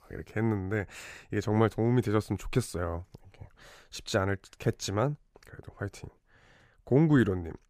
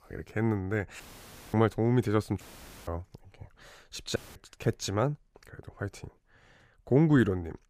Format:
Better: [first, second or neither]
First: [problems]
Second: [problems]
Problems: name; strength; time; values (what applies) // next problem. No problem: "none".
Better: first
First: none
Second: audio cutting out; filled with static; at 1 s for 0.5 s, at 2.5 s and at 4 s